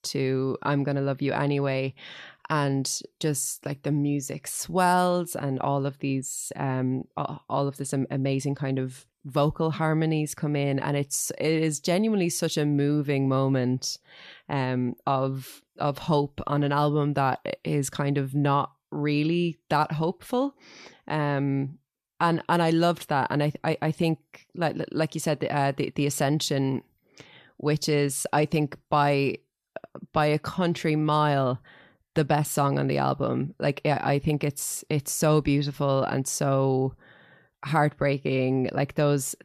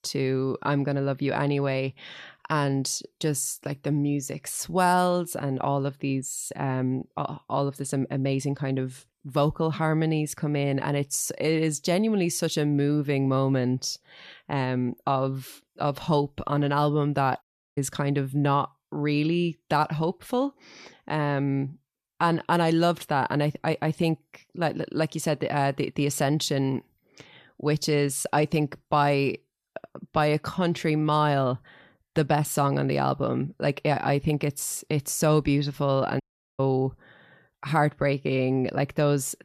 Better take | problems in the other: first | audio cutting out; at 17 s and at 36 s

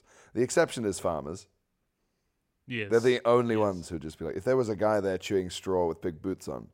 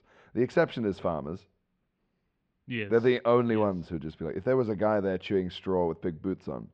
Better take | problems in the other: first | muffled; slightly; fading above 4 kHz

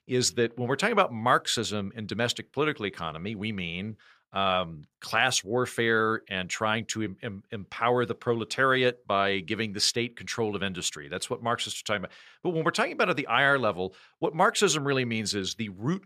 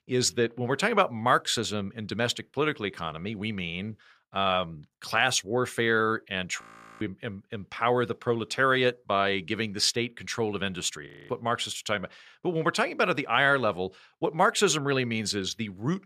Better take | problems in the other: first | audio freezing; at 6.5 s and at 11 s

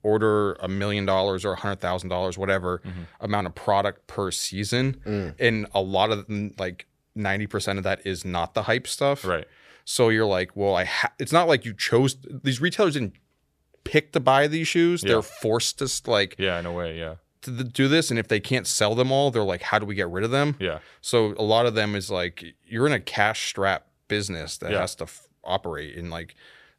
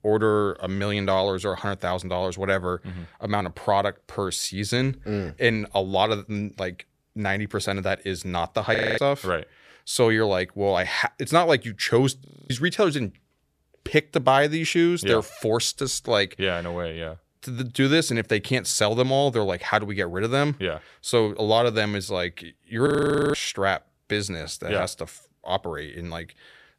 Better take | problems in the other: first | audio freezing; at 9 s, at 12 s and at 23 s

